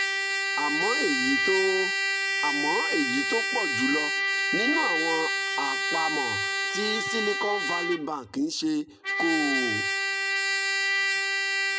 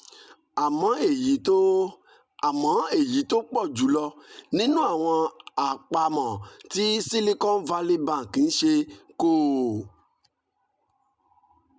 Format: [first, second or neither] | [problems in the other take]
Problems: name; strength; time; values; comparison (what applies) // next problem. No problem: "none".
second | background sound (Trumpet); 3 dB above the speech